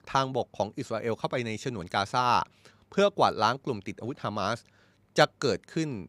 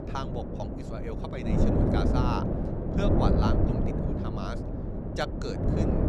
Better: first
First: none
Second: wind noise on the microphone; heavy; 2 dB above the speech

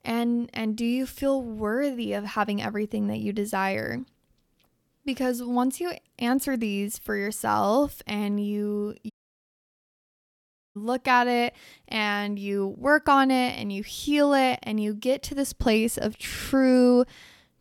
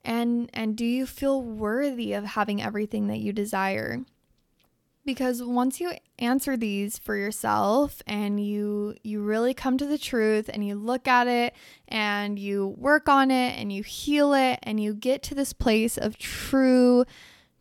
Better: second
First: audio cutting out; at 9 s for 1.5 s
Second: none

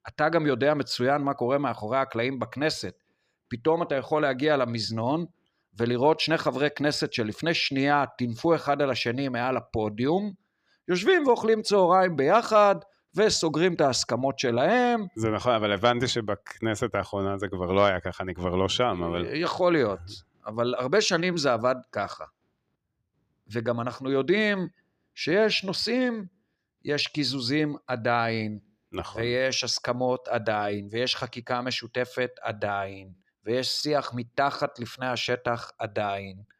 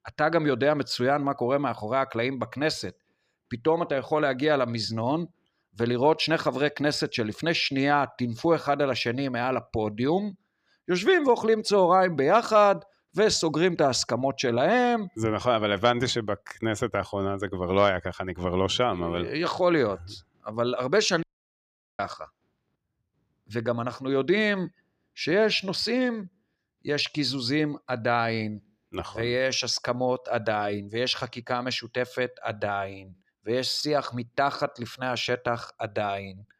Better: first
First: none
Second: audio cutting out; at 21 s for 1 s

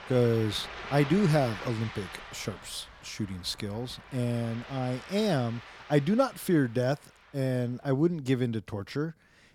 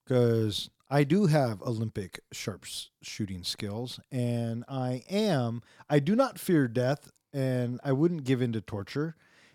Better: second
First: rain or running water; noticeable; throughout; 15 dB below the speech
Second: none

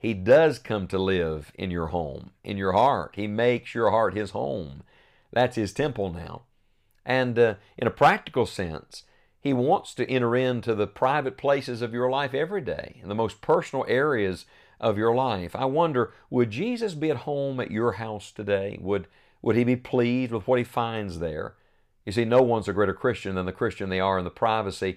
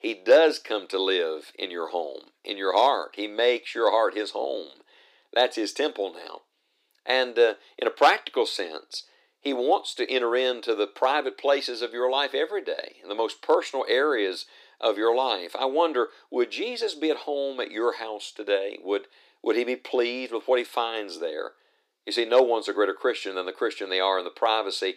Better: first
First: none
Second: thin; somewhat; fading below 300 Hz

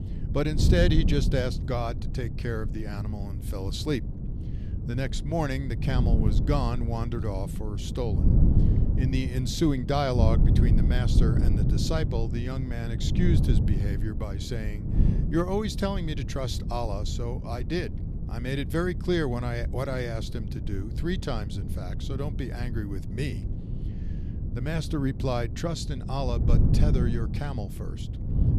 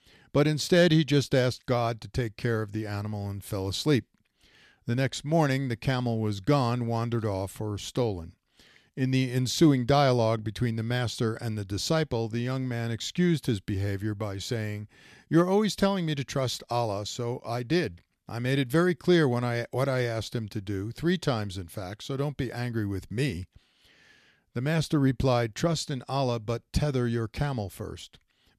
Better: second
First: wind noise on the microphone; heavy; 7 dB below the speech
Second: none

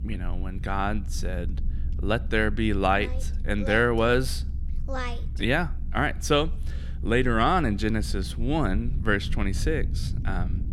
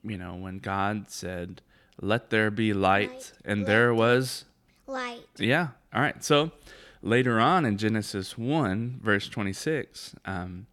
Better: second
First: low rumble; faint; throughout; 25 dB below the speech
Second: none

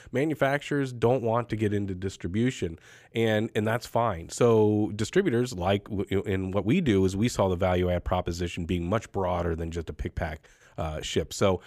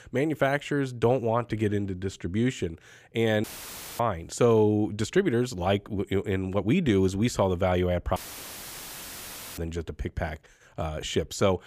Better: first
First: none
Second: audio cutting out; filled with static; at 3.5 s for 0.5 s and at 8 s for 1.5 s

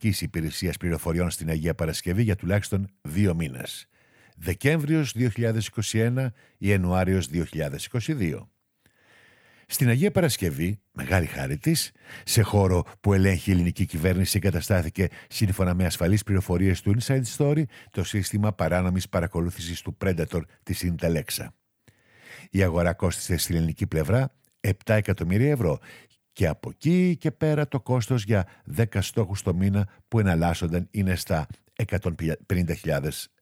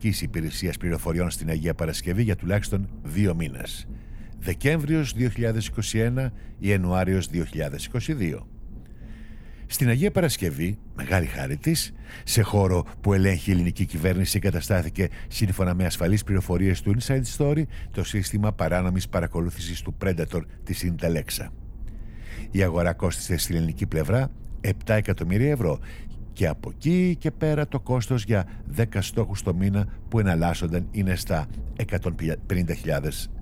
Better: first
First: none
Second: low rumble; faint; throughout; 25 dB below the speech

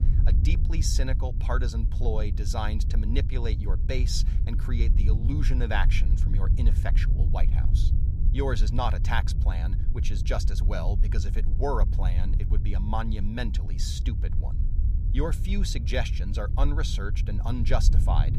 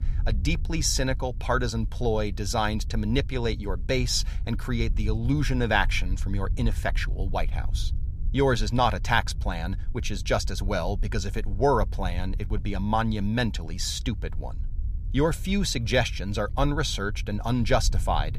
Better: second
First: low rumble; loud; throughout; 10 dB below the speech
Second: low rumble; faint; throughout; 25 dB below the speech

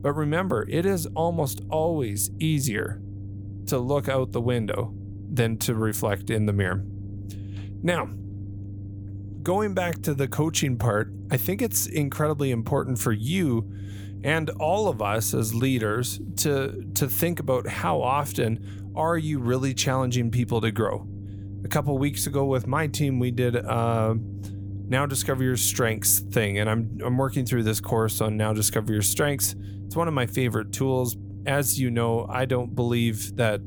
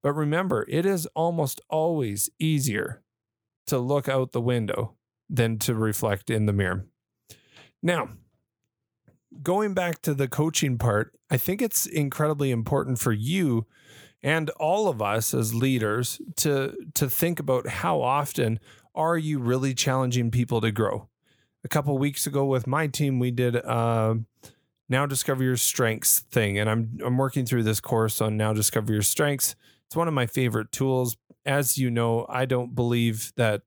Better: second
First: low rumble; faint; throughout; 20 dB below the speech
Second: none

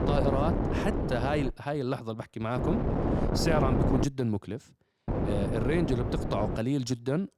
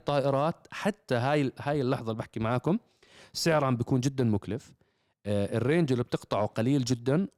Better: second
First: wind noise on the microphone; heavy; until 1.5 s, from 2.5 to 4 s and from 5 to 6.5 s; 2 dB below the speech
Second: none

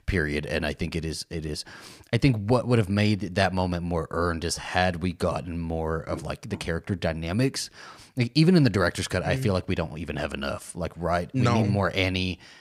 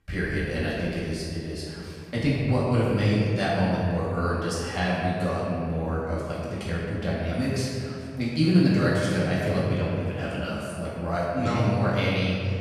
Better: first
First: none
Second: off-mic speech; far // room echo; strong; dies away in 2.5 s

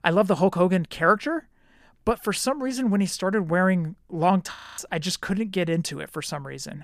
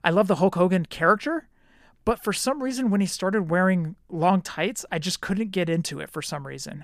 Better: second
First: audio freezing; at 4.5 s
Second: none

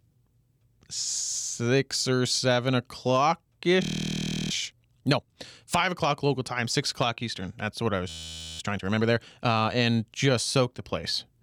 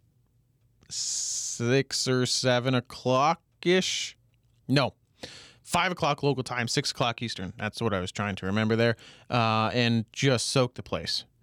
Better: second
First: audio freezing; at 4 s for 0.5 s and at 8 s for 0.5 s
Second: none

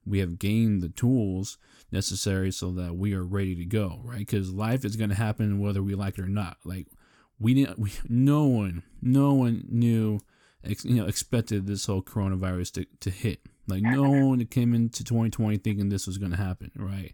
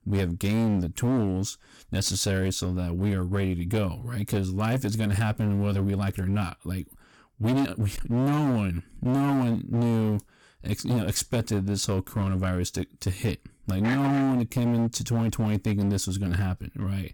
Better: first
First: none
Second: distortion; heavy; 18% of the sound clipped

